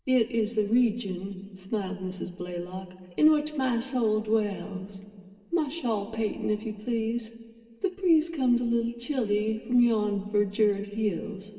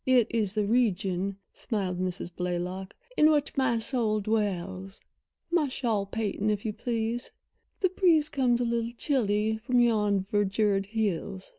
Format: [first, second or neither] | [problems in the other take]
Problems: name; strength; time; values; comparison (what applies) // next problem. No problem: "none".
second | room echo; dies away in 2.2 s